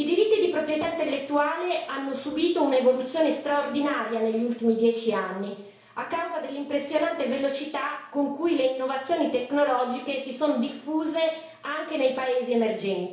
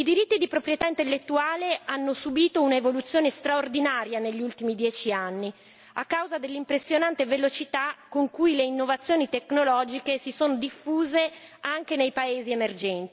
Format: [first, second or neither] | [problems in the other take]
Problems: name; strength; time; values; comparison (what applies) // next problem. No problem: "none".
second | room echo; dies away in 0.6 s